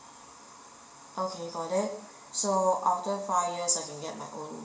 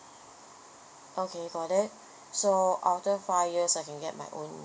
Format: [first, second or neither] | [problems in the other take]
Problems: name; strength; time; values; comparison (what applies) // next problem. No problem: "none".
second | room echo; dies away in 0.8 s